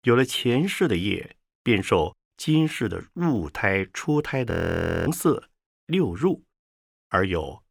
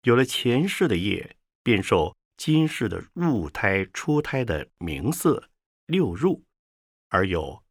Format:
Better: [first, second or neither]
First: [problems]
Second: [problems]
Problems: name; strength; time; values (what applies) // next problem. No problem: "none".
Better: second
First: audio freezing; at 4.5 s for 0.5 s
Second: none